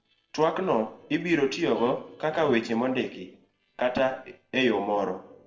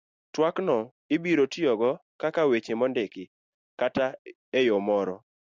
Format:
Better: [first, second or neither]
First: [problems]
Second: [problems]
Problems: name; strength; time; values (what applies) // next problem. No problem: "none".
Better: second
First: noise reduction (neural separator model SepFormer DNS4)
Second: none